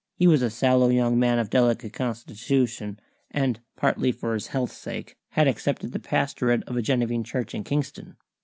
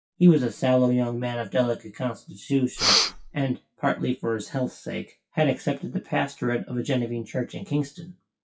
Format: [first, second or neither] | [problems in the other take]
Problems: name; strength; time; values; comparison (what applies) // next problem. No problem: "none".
first | noise reduction (classical method WPE with log-MMSE)